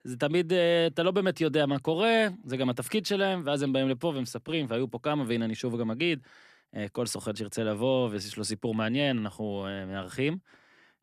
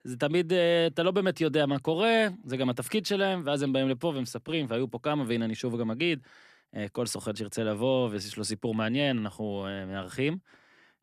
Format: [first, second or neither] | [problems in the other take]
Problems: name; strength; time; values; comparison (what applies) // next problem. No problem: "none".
neither | none